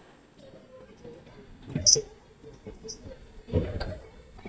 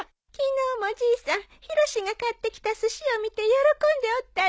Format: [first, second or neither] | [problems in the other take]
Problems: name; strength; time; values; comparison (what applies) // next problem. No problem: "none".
second | noise reduction (neural mask model DeepFilterNet 3)